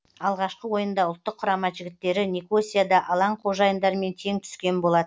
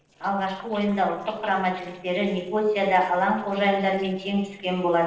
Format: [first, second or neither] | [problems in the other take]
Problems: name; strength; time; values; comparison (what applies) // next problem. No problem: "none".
first | noise reduction (neural separator model SepFormer DNS4)